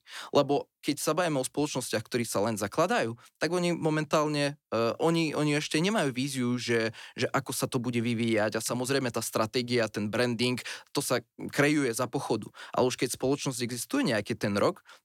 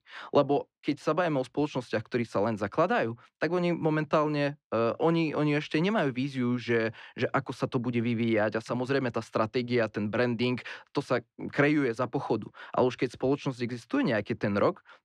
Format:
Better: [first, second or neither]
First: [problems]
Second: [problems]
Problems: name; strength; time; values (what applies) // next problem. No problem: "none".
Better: first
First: none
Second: muffled; slightly; fading above 2.5 kHz